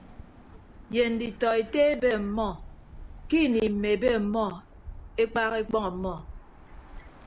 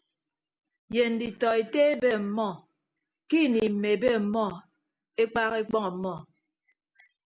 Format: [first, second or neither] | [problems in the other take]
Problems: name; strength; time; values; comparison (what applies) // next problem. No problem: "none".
second | background sound (Bird); 16 dB below the speech